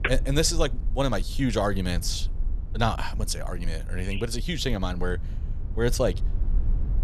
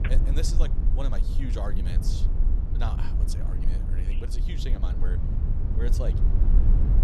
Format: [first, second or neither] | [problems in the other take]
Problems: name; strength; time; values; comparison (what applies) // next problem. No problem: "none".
first | low rumble; loud; throughout; 3 dB below the speech; faint in the first